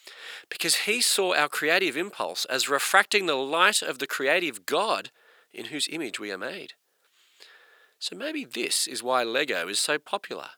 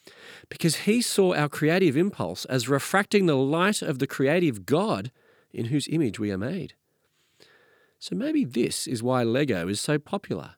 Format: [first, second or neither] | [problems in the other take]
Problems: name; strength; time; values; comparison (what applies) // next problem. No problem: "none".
second | thin; very; fading below 700 Hz